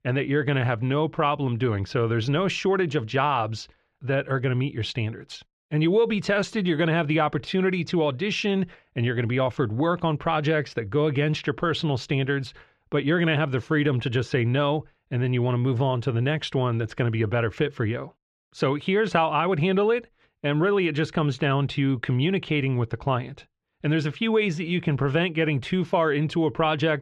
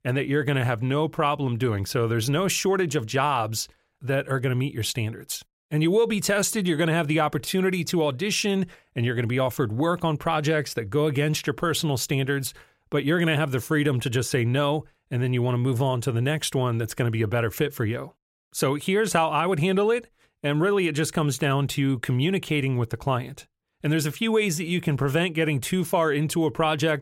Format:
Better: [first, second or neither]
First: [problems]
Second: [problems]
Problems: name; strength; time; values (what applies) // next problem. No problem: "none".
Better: second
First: muffled; slightly; fading above 4 kHz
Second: none